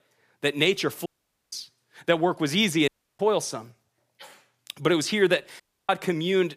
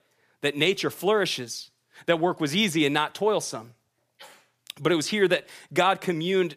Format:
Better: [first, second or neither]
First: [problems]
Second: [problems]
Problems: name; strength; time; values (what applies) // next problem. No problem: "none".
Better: second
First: audio cutting out; at 1 s, at 3 s and at 5.5 s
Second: none